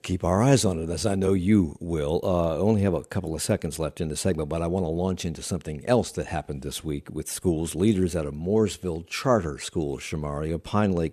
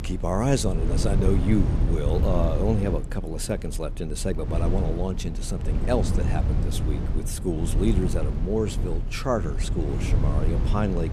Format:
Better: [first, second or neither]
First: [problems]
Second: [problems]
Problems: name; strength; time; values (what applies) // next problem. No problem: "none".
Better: first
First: none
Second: low rumble; loud; throughout; 8 dB below the speech